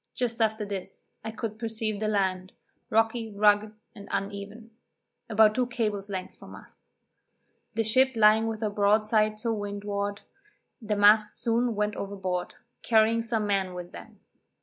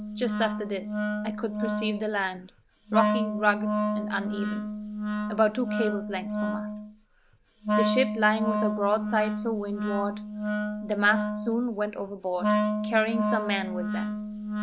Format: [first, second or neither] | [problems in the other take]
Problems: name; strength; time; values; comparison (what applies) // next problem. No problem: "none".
first | background sound (Wind instrument, woodwind instrument); as loud as the speech